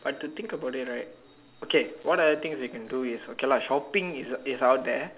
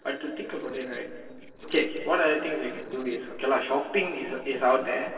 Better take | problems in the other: first | noise reduction (neural separator model SepFormer DNS4)

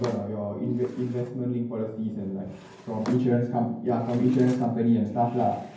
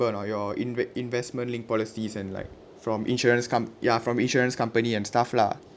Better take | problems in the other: second | background sound (Drawer open or close); 19 dB below the speech // room echo; dies away in 0.9 s

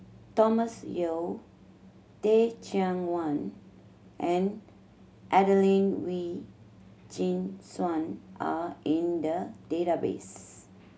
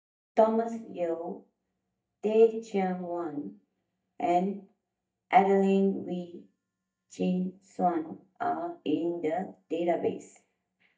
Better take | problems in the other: first | noise reduction (neural mask model DeepFilterNet 3)

